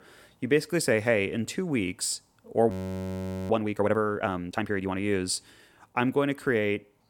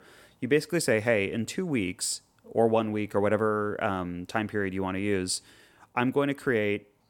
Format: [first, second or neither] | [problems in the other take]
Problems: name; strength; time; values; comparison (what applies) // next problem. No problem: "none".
second | audio freezing; at 2.5 s for 1 s